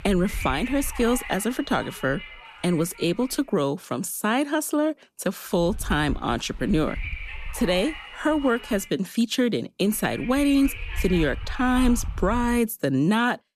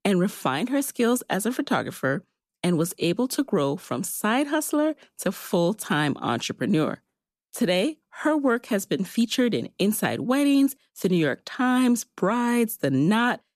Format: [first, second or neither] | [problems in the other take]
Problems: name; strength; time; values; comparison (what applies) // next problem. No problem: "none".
second | wind noise on the microphone; occasional gusts; until 3.5 s, from 5.5 to 9 s and from 10 to 13 s; 10 dB below the speech